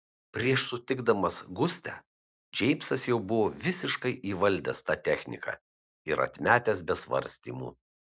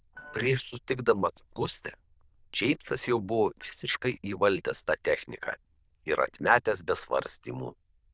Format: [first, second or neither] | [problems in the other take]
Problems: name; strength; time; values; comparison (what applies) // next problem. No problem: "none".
first | noise reduction (neural diffusion model UNIVERSE++)